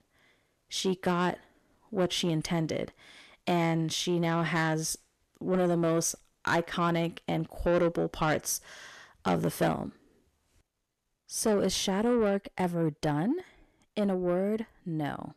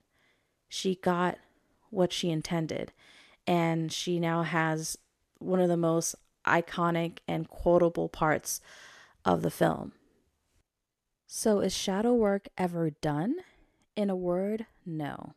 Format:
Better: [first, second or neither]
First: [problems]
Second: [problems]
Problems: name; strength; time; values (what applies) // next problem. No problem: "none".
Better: second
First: distortion; slight; 10 dB below the speech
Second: none